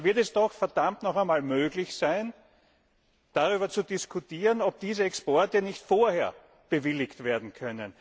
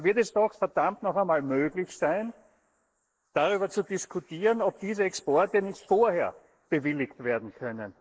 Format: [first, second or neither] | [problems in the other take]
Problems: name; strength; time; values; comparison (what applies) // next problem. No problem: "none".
first | noise reduction (neural mask model Resemble Enhance denoiser)